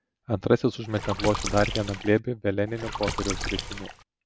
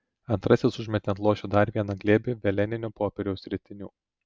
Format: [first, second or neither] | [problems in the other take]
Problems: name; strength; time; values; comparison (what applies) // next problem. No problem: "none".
second | background sound (Water / Splash, splatter); 6 dB below the speech